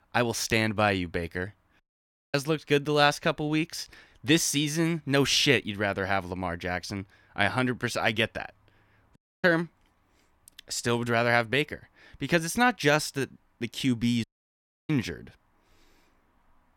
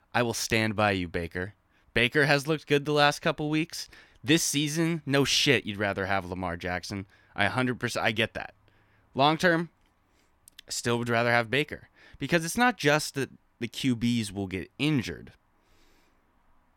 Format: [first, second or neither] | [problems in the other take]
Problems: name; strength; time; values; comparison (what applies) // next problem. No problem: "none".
second | audio cutting out; at 2 s for 0.5 s, at 9 s and at 14 s for 0.5 s